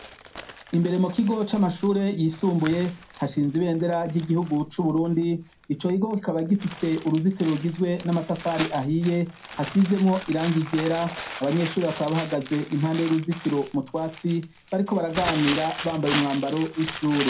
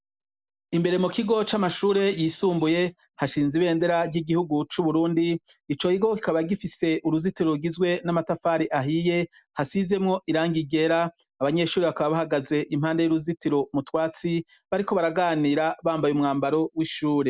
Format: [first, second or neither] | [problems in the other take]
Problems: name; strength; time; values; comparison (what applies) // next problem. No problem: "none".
second | background sound (Crumpling, crinkling); 13 dB below the speech // room echo; dies away in 0.2 s